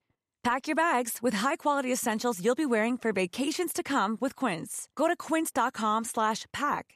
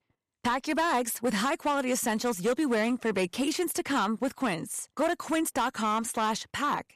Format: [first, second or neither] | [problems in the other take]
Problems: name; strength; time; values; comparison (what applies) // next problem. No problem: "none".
first | distortion; slight; 8% of the sound clipped